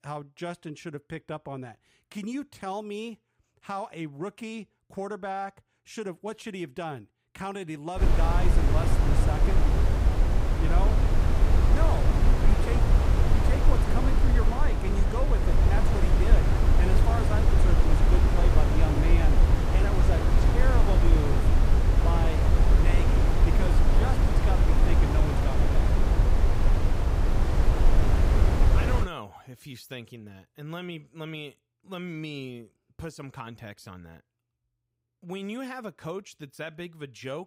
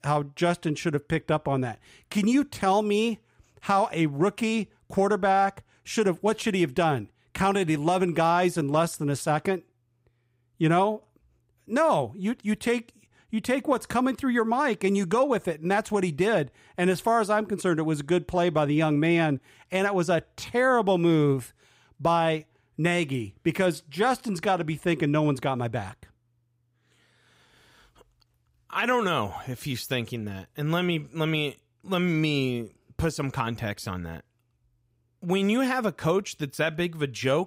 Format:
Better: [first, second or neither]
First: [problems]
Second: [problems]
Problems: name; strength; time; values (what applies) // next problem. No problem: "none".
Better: second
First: wind noise on the microphone; heavy; from 8 to 29 s; 3 dB above the speech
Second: none